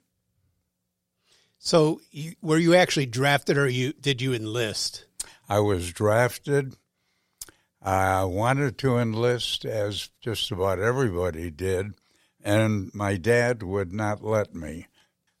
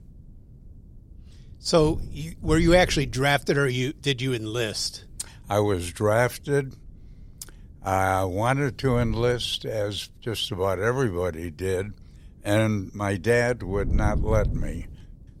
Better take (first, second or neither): first